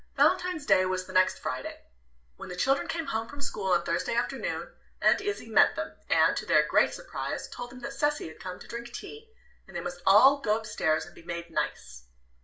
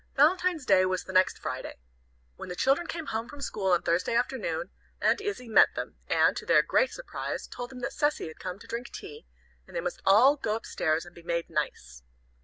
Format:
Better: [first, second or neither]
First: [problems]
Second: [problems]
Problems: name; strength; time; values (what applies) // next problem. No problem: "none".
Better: second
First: room echo; dies away in 0.3 s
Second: none